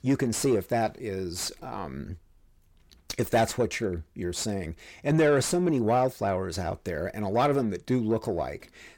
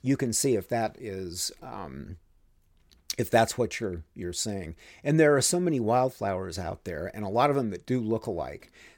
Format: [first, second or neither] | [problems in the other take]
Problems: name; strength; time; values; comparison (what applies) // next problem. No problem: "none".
second | distortion; slight; 10 dB below the speech